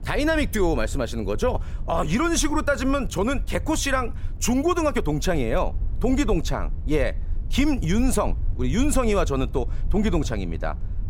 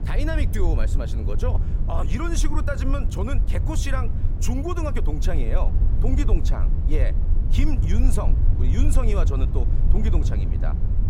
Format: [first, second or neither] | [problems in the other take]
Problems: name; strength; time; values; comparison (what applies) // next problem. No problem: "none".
first | low rumble; loud; throughout; 7 dB below the speech; faint in the first